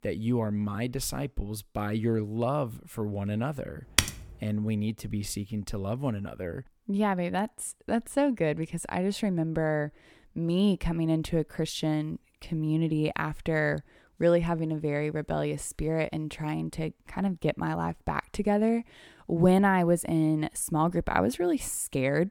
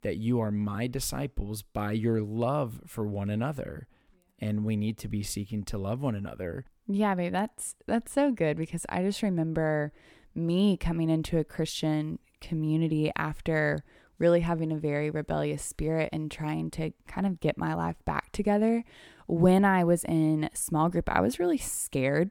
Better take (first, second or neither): second